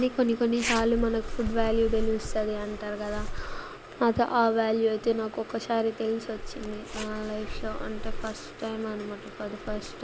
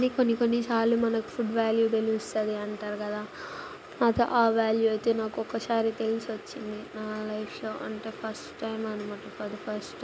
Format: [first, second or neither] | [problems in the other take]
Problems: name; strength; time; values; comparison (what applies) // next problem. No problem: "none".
second | background sound (Zipper (clothing)); 7 dB below the speech